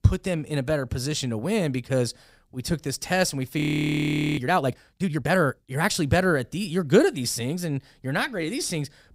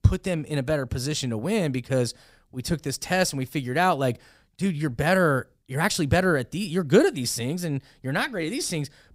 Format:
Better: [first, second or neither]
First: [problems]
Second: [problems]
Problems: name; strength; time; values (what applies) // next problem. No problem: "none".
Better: second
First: audio freezing; at 3.5 s for 1 s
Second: none